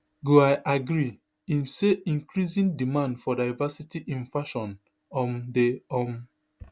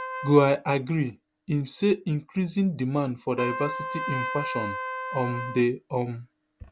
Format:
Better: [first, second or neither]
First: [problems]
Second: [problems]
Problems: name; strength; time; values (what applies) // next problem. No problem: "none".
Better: first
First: none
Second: background sound (Trumpet); 9 dB below the speech